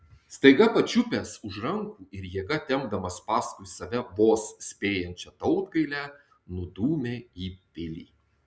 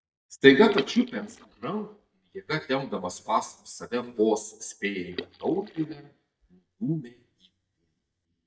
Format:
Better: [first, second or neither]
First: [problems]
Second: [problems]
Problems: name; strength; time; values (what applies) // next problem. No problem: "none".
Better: first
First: none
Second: noise reduction (neural mask model DeepFilterNet 3)